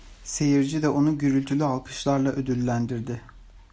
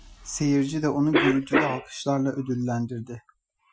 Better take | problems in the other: first | noise reduction (classical method Wiener filter)

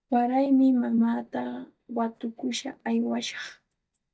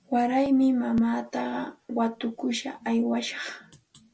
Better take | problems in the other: second | noise reduction (neural mask model DeepFilterNet 3)

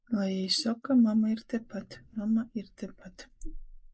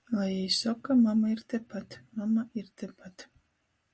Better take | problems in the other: second | noise reduction (neural mask model Resemble Enhance denoiser)

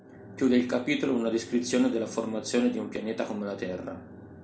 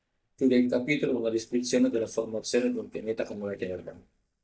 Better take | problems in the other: first | noise reduction (neural mask model DeepFilterNet 3)

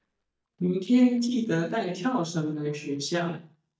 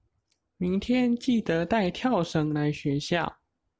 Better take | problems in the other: second | noise reduction (neural mask model DeepFilterNet 3)

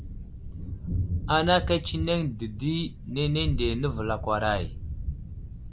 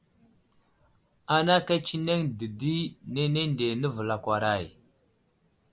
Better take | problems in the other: second | background sound (Thunder); 4 dB below the speech

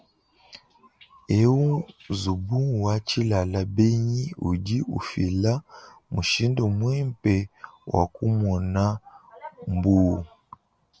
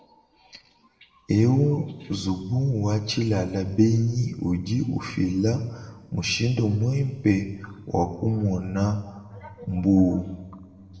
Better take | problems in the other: first | room echo; dies away in 1.5 s

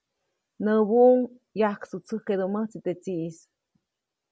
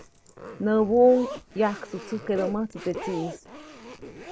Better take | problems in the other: first | background sound (Zipper (clothing)); 13 dB below the speech

